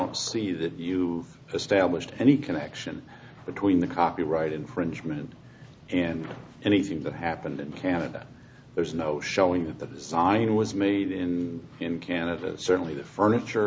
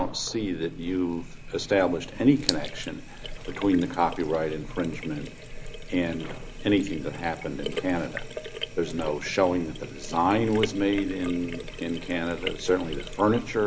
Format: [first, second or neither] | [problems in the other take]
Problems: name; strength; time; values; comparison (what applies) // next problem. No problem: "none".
first | background sound (Sink (filling or washing)); 10 dB below the speech